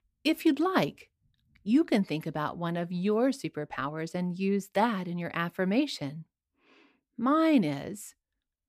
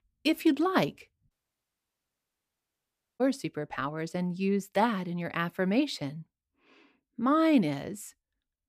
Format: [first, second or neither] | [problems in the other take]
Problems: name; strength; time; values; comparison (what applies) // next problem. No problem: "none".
first | audio cutting out; at 1.5 s for 2 s